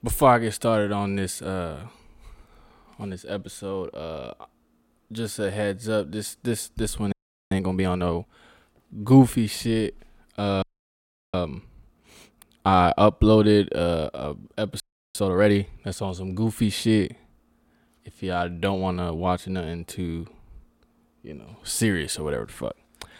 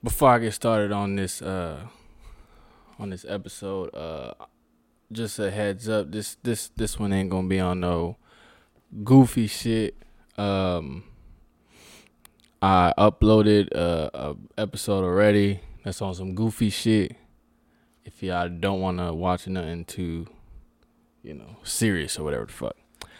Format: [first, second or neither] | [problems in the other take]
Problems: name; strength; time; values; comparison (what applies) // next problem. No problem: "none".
second | audio freezing; at 7 s, at 11 s for 0.5 s and at 15 s